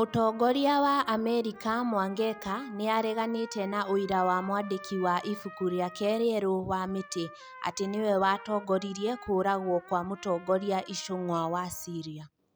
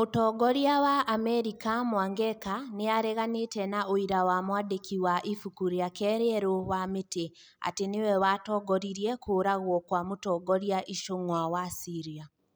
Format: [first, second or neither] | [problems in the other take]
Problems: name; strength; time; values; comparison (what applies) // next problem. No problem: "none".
second | background sound (Trumpet); 19 dB below the speech